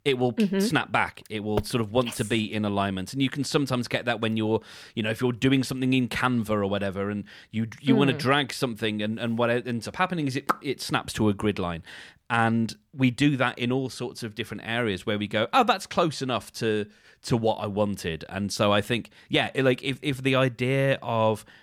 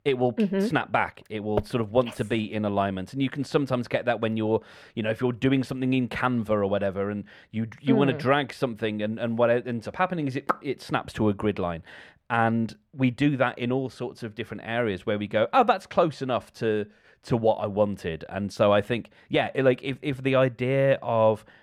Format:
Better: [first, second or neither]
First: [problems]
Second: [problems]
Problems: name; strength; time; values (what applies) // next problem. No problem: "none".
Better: first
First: none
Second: muffled; slightly; fading above 3.5 kHz